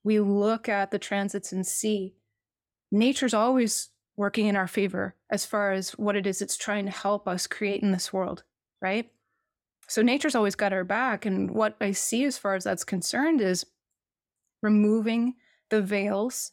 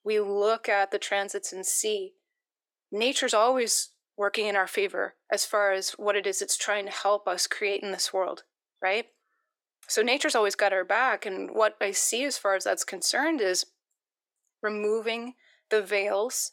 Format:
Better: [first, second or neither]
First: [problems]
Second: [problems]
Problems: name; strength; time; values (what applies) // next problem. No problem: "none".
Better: first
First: none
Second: thin; very; fading below 400 Hz